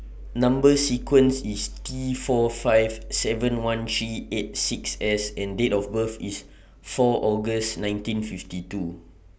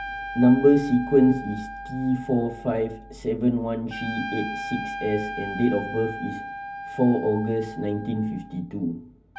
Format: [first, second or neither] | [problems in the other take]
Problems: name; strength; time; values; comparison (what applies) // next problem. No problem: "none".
first | background sound (Trumpet); 12 dB below the speech // room echo; dies away in 0.4 s